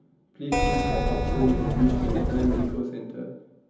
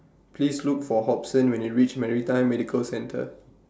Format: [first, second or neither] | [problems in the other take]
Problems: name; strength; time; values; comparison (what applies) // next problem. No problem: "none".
second | background sound (Keyboard (musical)); 3 dB above the speech // room echo; dies away in 0.9 s